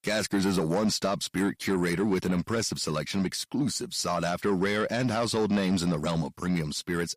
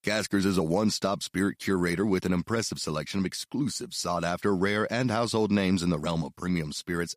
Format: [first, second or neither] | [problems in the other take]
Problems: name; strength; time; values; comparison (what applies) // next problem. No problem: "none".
second | distortion; slight; 10 dB below the speech